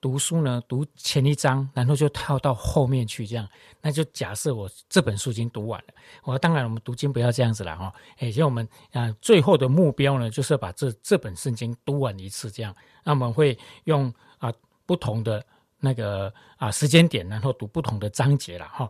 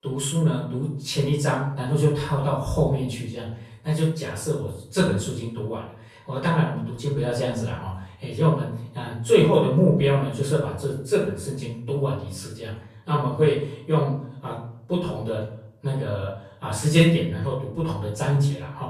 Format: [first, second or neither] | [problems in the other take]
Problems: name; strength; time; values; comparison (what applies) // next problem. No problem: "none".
first | off-mic speech; far // room echo; noticeable; dies away in 0.5 s